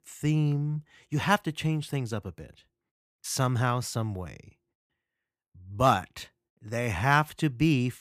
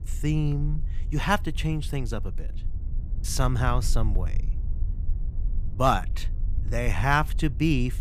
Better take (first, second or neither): first